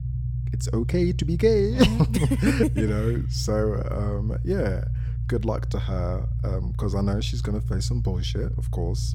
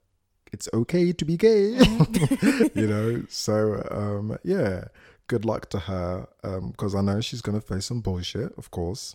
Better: second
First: low rumble; noticeable; throughout; 15 dB below the speech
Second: none

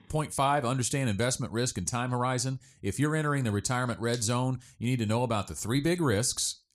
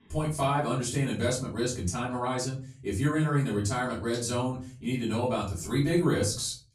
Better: first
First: none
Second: off-mic speech; far // room echo; slight; dies away in 0.3 s

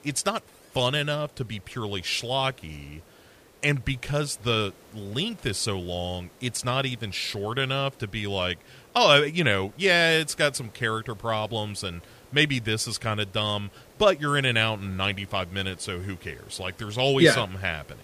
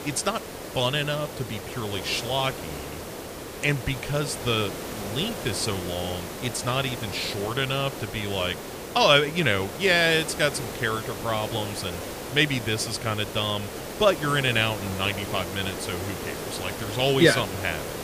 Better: first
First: hiss; faint; throughout; 25 dB below the speech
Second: hiss; loud; throughout; 9 dB below the speech

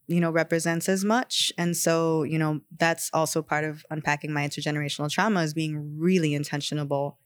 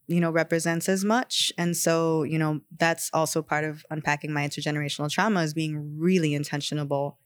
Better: neither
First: none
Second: none

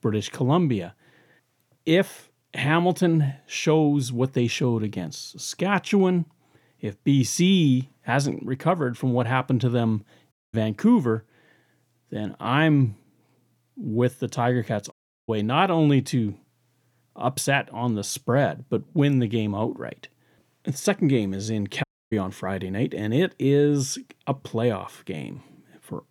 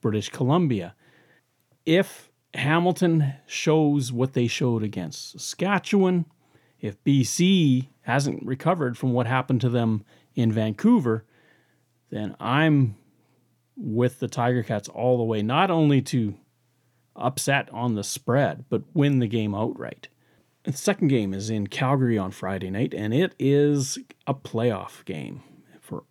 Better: second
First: audio cutting out; at 10 s, at 15 s and at 22 s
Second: none

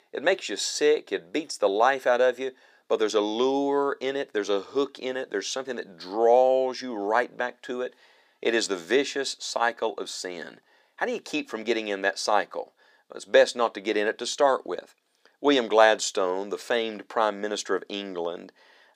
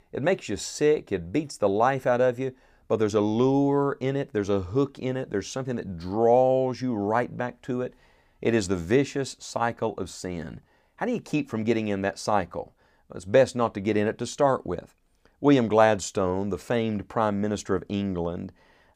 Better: second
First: thin; somewhat; fading below 350 Hz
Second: none

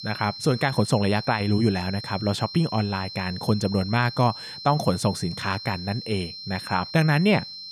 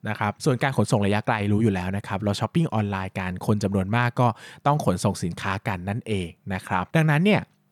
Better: second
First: high-pitched whine; noticeable; throughout; 4 kHz, 10 dB below the speech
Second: none

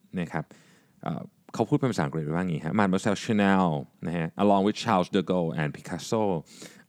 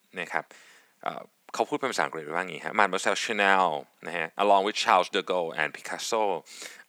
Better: first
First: none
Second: thin; very; fading below 600 Hz

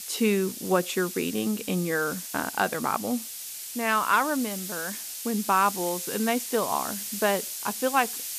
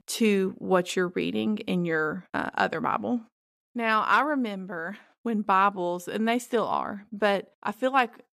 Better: second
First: hiss; loud; throughout; 6 dB below the speech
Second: none

